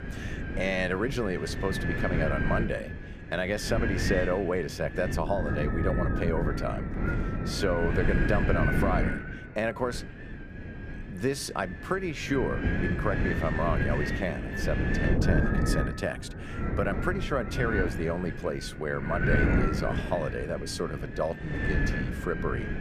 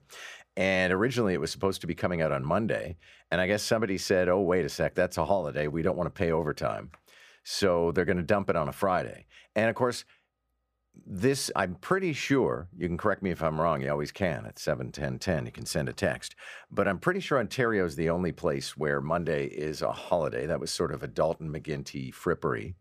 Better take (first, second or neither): second